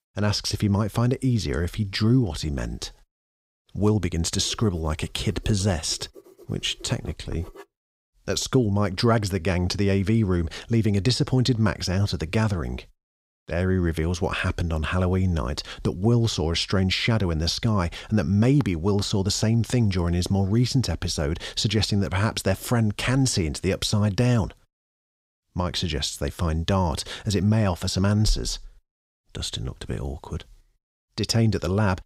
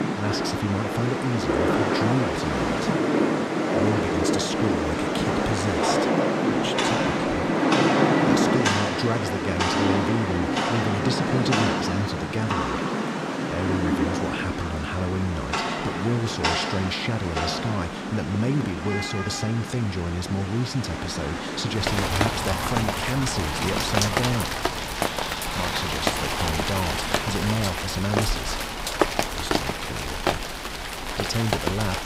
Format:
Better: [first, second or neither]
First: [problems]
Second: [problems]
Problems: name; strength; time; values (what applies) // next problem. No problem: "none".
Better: first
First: none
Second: rain or running water; very loud; throughout; 4 dB above the speech